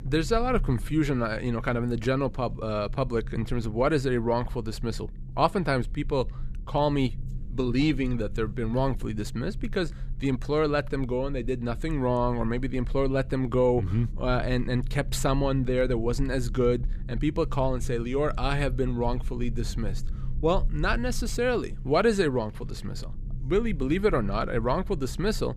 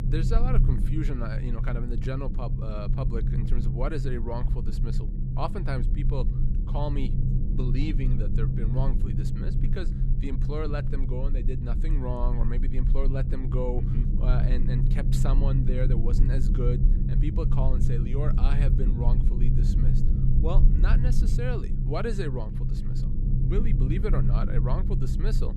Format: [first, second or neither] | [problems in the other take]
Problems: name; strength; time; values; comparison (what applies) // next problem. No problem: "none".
first | low rumble; loud; throughout; 3 dB below the speech; faint in the first